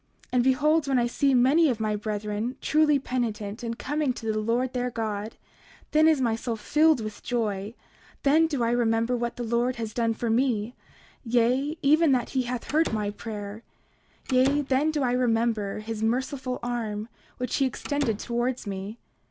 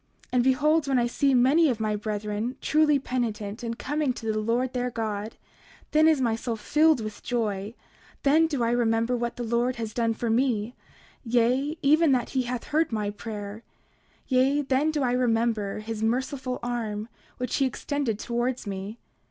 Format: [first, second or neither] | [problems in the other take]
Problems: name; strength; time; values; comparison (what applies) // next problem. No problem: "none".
second | background sound (Slam); 14 dB below the speech